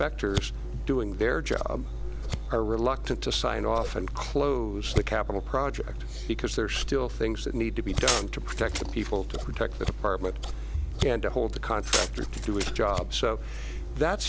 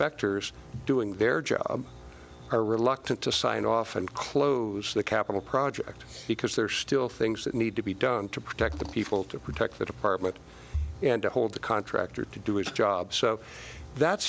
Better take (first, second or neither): second